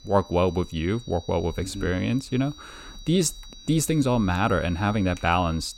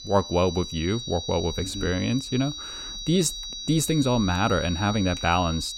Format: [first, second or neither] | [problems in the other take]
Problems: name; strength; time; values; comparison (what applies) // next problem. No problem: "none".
first | high-pitched whine; loud; throughout; 4 kHz, 8 dB below the speech; faint in the first